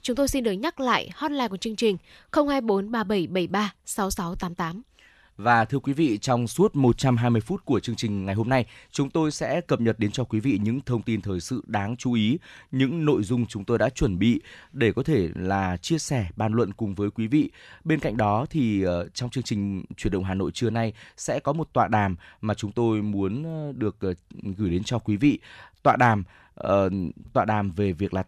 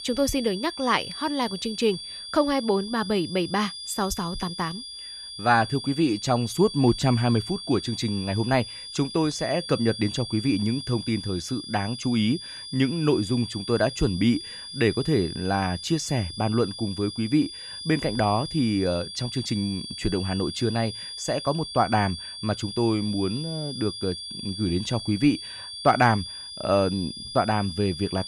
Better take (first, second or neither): first